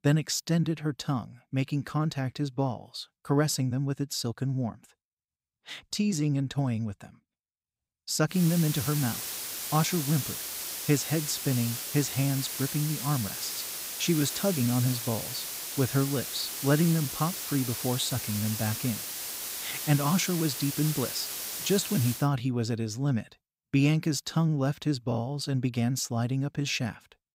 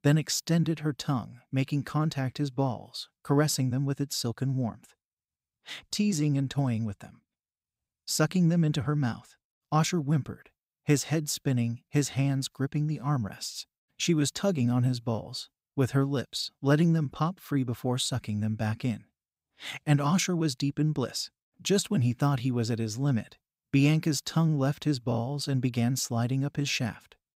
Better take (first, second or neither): second